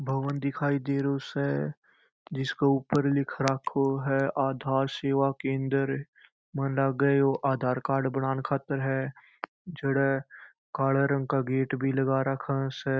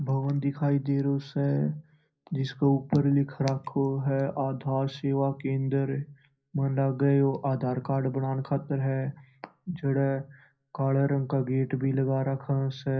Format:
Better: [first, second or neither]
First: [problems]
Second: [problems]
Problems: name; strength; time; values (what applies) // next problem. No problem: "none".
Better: first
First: none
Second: room echo; dies away in 0.5 s